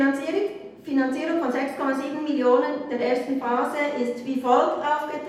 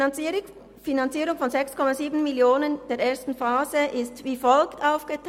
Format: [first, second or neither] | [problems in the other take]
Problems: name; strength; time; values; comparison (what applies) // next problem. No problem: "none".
second | room echo; dies away in 0.8 s